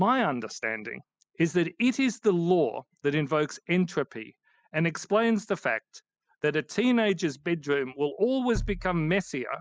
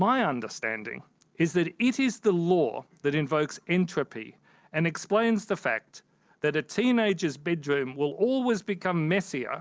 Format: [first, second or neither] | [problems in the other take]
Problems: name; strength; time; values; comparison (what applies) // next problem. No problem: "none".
second | noise reduction (classical method spectral subtraction)